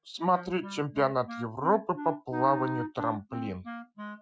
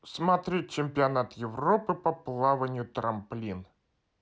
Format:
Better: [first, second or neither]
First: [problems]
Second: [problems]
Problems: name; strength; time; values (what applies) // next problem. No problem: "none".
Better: second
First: noise reduction (classical method Wiener filter)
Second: none